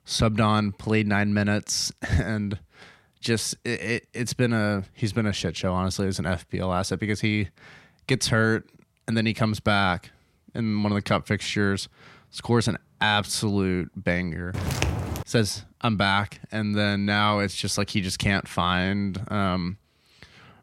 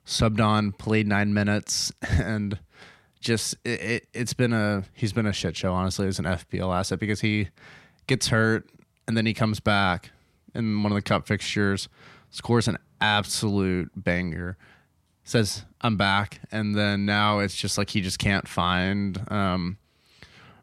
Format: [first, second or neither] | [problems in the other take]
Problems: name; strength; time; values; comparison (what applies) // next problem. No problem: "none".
second | footsteps; noticeable; at 15 s; peak 1 dB below the speech